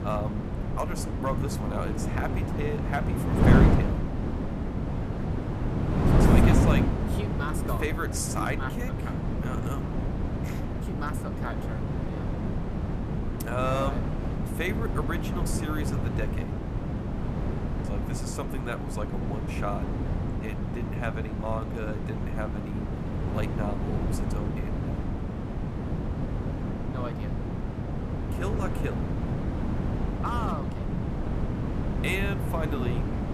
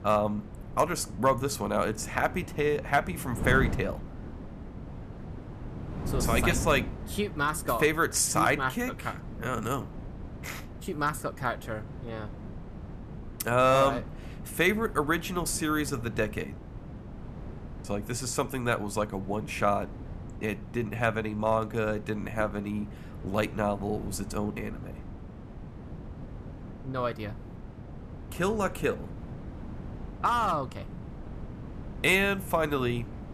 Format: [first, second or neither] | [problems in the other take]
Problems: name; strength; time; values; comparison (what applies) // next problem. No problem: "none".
second | wind noise on the microphone; heavy; 1 dB below the speech; occasional gusts in the second